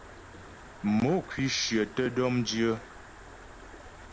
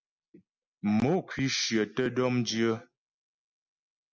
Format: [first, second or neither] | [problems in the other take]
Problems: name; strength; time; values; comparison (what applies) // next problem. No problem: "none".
second | background sound (Stream); 16 dB below the speech